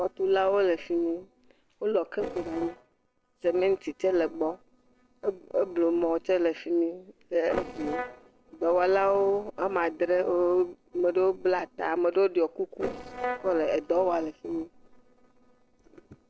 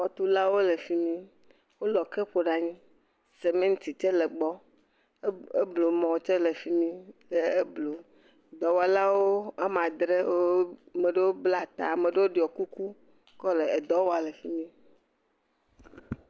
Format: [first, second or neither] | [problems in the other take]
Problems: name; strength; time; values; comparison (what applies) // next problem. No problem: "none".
second | noise reduction (neural separator model SepFormer DNS4)